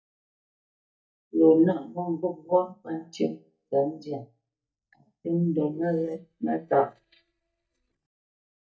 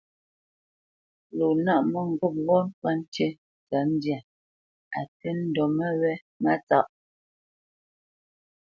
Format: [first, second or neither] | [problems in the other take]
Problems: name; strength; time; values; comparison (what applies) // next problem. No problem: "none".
second | noise reduction (neural mask model DeepFilterNet 3)